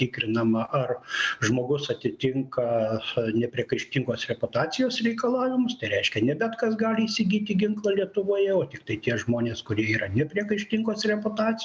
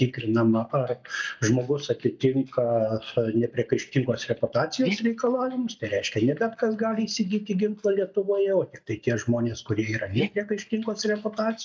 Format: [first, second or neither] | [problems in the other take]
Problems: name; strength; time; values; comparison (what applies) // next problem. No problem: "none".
first | noise reduction (neural mask model DeepFilterNet 3)